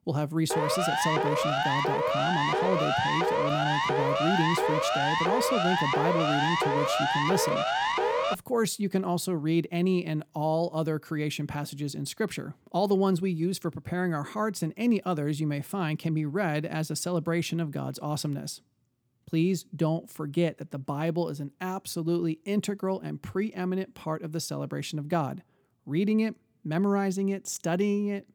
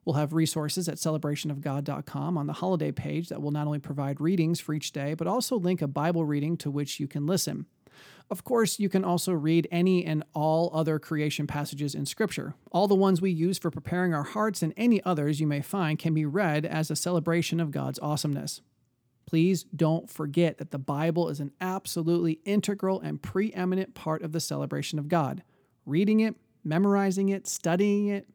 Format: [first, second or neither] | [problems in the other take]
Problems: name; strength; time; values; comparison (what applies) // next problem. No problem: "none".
second | siren; loud; until 8.5 s; peak 4 dB above the speech